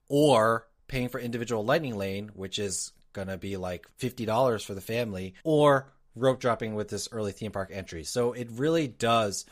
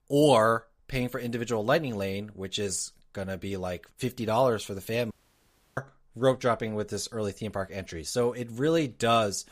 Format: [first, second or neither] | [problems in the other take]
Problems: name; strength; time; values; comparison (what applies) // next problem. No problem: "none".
first | audio cutting out; at 5 s for 0.5 s